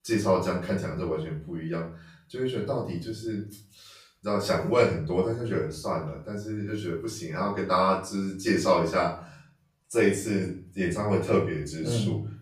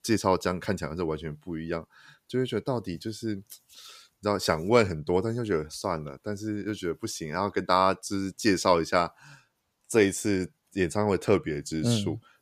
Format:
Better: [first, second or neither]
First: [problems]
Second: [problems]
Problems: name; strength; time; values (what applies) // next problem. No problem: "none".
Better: second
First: off-mic speech; far // room echo; slight; dies away in 0.4 s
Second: none